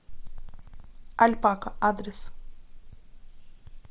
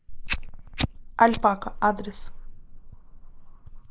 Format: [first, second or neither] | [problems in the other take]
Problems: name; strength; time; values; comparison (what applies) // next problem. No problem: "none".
first | noise reduction (neural mask model Resemble Enhance denoiser)